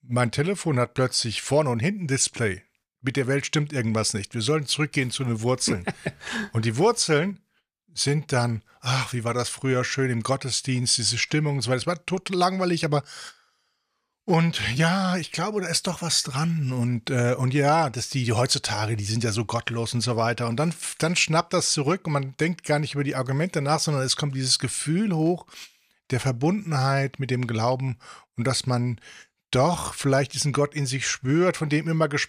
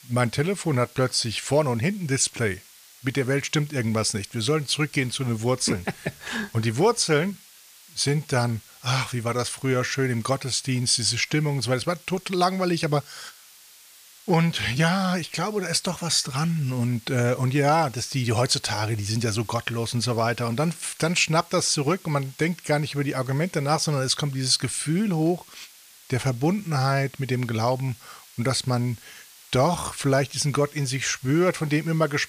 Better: first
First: none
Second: hiss; faint; throughout; 25 dB below the speech

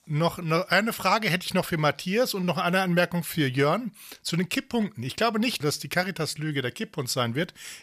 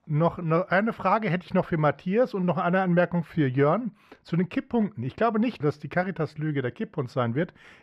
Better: first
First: none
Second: muffled; very; fading above 3.5 kHz

